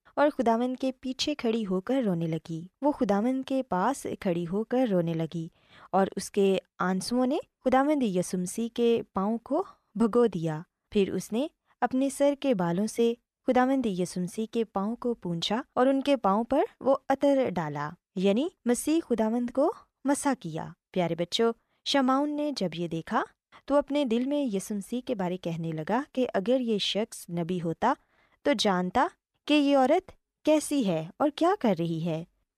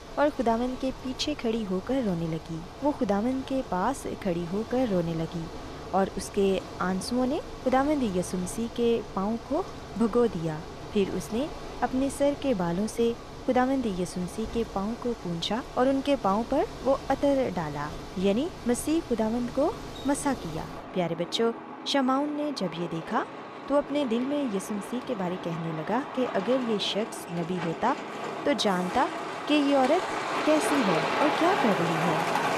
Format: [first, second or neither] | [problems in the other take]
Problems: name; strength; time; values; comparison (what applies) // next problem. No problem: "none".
first | traffic noise; loud; throughout; 8 dB below the speech